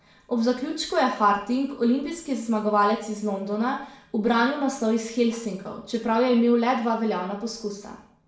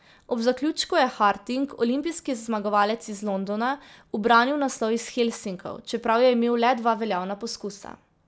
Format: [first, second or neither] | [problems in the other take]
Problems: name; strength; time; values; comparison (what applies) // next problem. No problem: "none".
second | room echo; dies away in 0.5 s